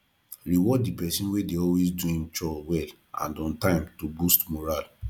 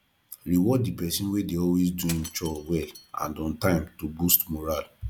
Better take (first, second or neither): first